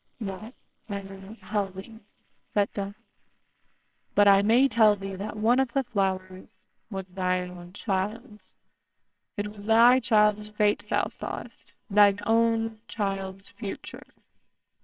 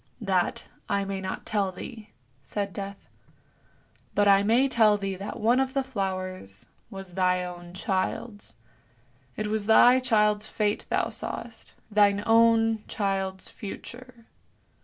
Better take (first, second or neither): second